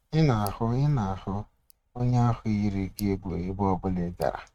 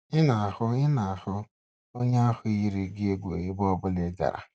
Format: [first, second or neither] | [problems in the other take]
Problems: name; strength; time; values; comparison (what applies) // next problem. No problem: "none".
second | noise reduction (neural mask model RNNoise)